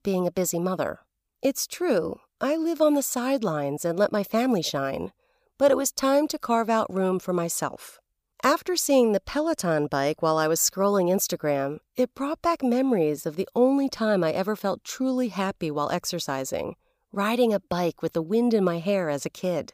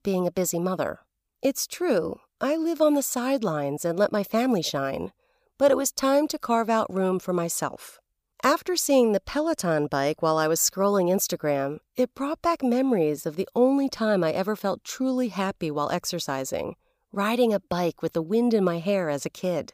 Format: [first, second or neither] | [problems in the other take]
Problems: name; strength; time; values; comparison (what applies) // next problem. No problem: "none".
neither | none